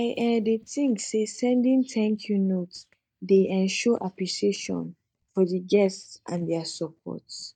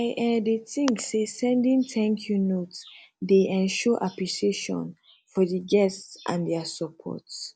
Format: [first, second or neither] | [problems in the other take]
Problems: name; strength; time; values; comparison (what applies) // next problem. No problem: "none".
second | noise reduction (neural mask model DeepFilterNet 3)